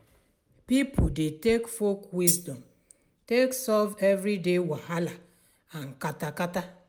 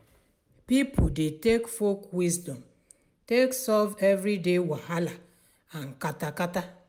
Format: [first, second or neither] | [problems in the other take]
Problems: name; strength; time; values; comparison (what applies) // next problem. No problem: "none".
second | background sound (Tambourine); 3 dB below the speech